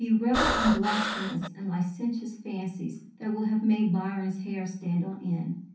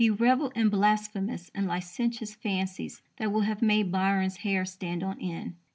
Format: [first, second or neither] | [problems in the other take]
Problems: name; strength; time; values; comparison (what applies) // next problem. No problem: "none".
second | background sound (Breathing); as loud as the speech // room echo; dies away in 0.6 s